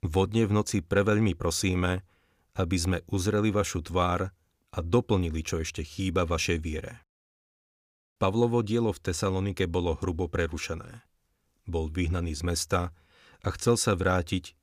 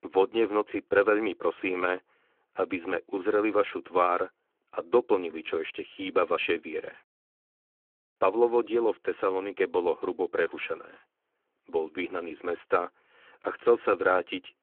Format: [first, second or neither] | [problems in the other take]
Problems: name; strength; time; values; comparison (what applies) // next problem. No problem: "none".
first | phone-call audio